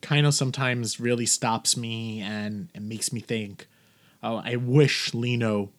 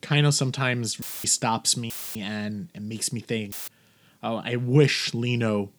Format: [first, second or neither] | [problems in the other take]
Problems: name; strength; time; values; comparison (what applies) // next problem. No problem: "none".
first | audio cutting out; filled with static; at 1 s, at 2 s and at 3.5 s